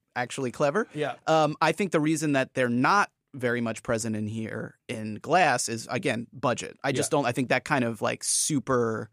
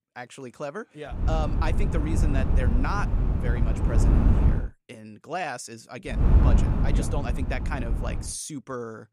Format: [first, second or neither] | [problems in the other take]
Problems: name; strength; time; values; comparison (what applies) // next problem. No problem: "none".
first | wind noise on the microphone; heavy; from 1 to 4.5 s and from 6 to 8 s; 2 dB below the speech